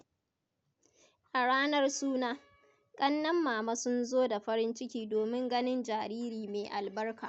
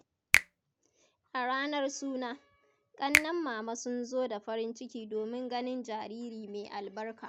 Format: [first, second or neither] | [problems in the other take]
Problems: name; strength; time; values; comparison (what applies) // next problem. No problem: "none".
first | background sound (Finger snapping); 1 dB above the speech